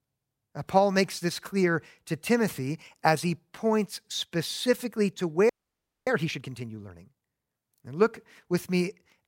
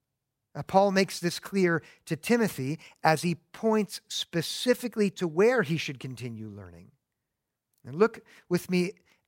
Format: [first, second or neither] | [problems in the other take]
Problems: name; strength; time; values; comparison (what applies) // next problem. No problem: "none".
second | audio freezing; at 5.5 s for 0.5 s